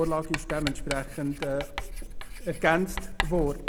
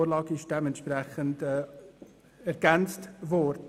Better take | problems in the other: second | background sound (Writing); 4 dB below the speech

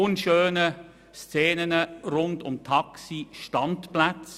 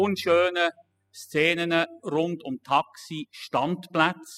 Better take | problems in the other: first | noise reduction (classical method spectral subtraction)

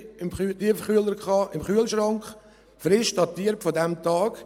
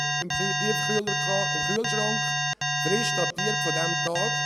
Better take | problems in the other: first | background sound (Alarm); 4 dB above the speech

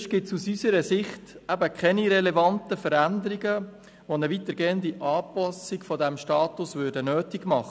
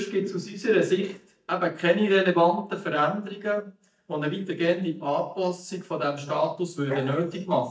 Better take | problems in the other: first | noise reduction (neural mask model DeepFilterNet 3)

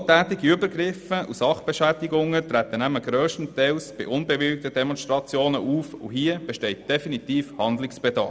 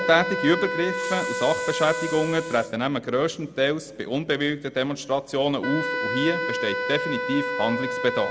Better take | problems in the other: first | background sound (Wind instrument, woodwind instrument + Hiss); 5 dB below the speech

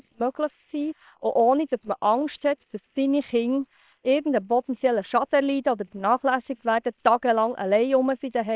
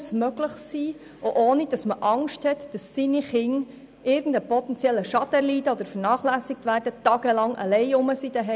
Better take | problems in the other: second | noise reduction (neural separator model SepFormer WHAM!)

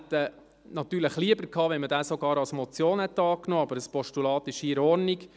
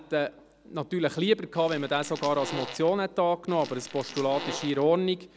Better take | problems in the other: first | background sound (Fart); 12 dB below the speech

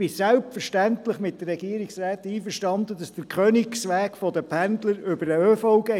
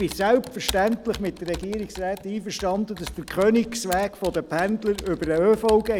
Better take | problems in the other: first | background sound (Computer keyboard); 15 dB below the speech

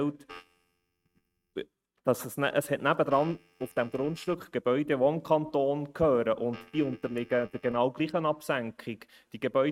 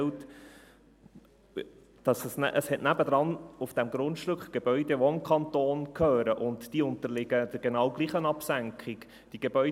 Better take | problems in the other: second | noise reduction (neural mask model RNNoise)

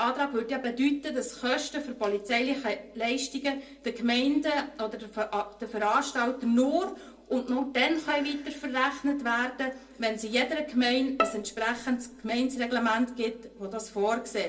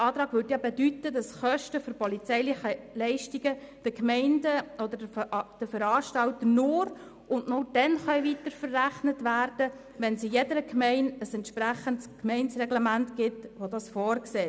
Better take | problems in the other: second | noise reduction (neural separator model SepFormer DNS4)

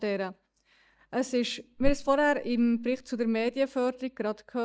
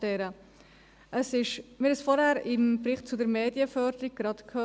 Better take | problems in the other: second | noise reduction (neural mask model DeepFilterNet 3)

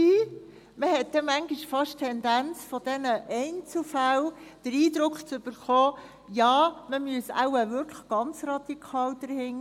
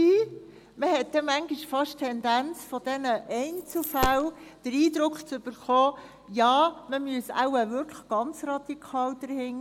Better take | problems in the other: first | background sound (Coin (dropping)); 9 dB below the speech

